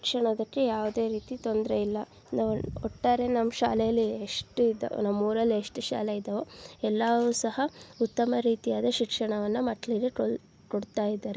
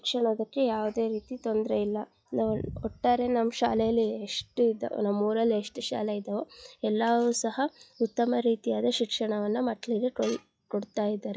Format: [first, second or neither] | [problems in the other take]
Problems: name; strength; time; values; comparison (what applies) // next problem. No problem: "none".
first | noise reduction (classical method log-MMSE)